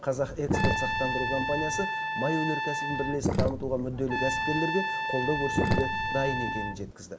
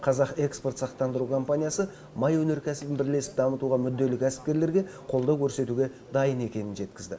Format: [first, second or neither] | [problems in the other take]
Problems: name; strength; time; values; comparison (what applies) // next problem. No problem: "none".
second | background sound (Trumpet + Sink (filling or washing)); 2 dB above the speech